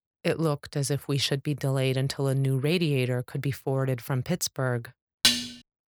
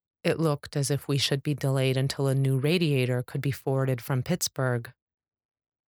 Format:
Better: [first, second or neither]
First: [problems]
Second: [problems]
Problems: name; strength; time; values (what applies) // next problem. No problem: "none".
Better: second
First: clattering dishes; loud; at 5 s; peak 6 dB above the speech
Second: none